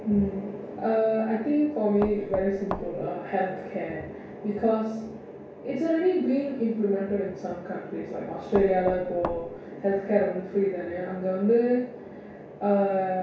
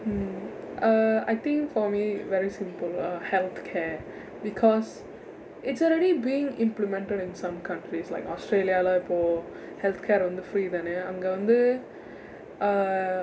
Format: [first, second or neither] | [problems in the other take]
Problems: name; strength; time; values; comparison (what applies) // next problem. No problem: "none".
second | background sound (Knock); 9 dB below the speech // room echo; dies away in 0.6 s